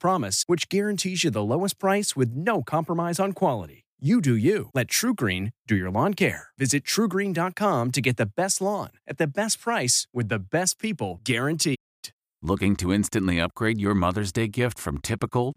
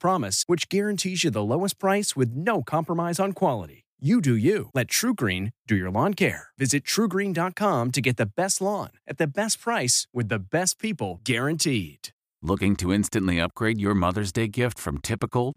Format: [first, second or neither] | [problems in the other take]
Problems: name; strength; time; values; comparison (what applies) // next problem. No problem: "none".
second | audio cutting out; at 12 s